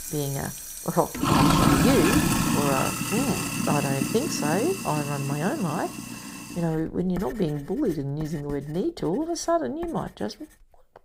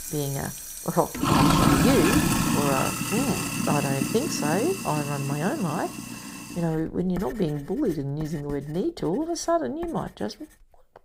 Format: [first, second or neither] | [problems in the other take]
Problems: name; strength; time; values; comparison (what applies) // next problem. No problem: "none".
neither | household noises; very loud; throughout; 2 dB above the speech; the same in both